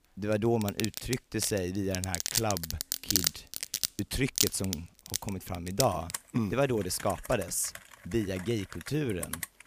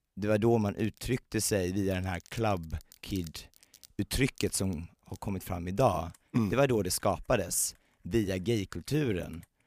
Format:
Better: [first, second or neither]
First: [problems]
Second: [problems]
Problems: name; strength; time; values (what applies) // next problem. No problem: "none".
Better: second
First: household noises; loud; throughout; 1 dB below the speech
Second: household noises; faint; throughout; 25 dB below the speech